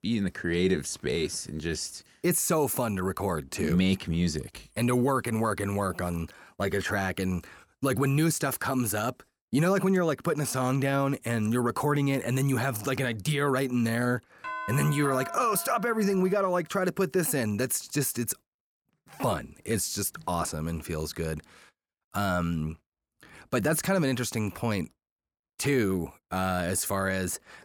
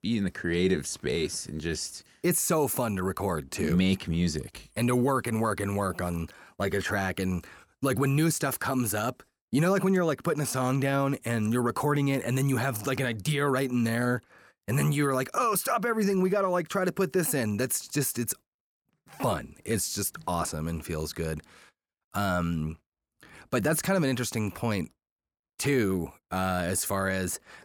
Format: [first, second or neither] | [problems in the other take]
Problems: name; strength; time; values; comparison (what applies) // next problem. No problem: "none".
second | doorbell; noticeable; from 14 to 16 s; peak 7 dB below the speech